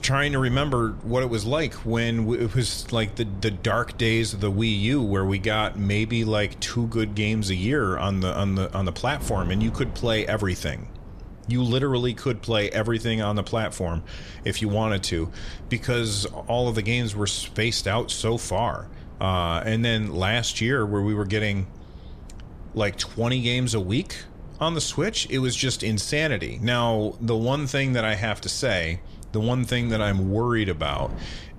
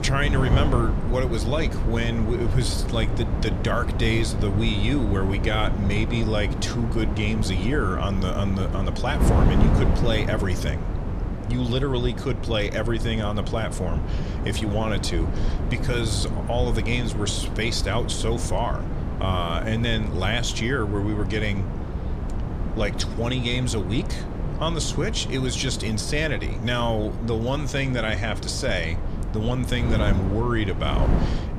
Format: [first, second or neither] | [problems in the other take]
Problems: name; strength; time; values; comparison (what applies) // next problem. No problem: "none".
first | wind noise on the microphone; heavy; 7 dB below the speech; occasional gusts in the first